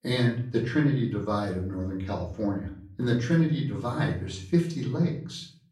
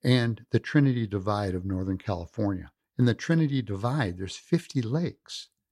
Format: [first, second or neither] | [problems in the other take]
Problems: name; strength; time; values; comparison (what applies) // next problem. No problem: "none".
second | off-mic speech; far // room echo; slight; dies away in 0.4 s